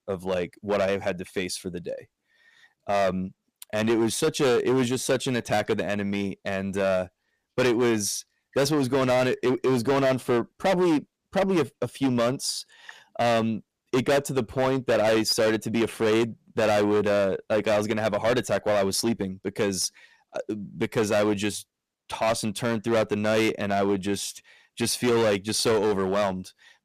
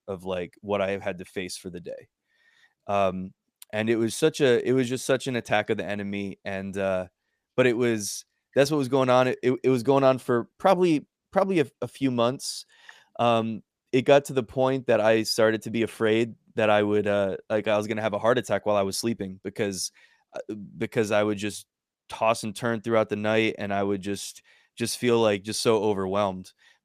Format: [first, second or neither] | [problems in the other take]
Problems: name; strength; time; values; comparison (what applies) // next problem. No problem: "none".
second | distortion; heavy; 12% of the sound clipped